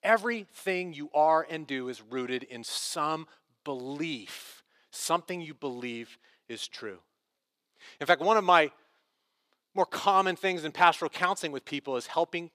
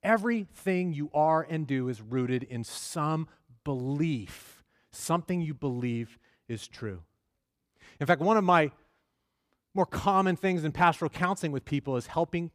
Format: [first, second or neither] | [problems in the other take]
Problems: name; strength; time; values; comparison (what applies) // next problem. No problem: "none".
second | thin; somewhat; fading below 400 Hz